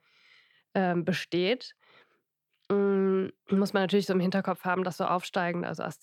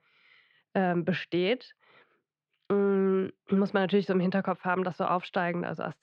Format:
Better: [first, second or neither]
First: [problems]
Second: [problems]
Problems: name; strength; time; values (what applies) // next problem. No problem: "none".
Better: first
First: none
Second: muffled; slightly; fading above 3.5 kHz